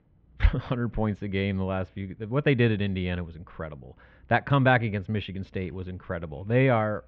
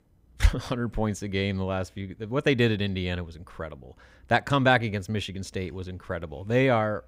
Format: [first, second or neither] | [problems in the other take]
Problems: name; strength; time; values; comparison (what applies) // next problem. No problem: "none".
second | muffled; slightly; fading above 3 kHz